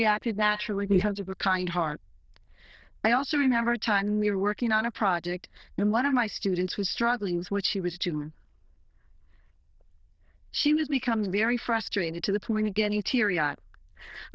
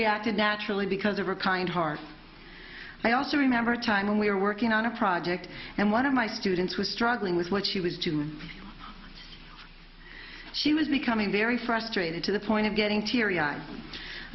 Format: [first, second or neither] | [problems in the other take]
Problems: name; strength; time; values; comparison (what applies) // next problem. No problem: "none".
second | noise reduction (neural diffusion model UNIVERSE++)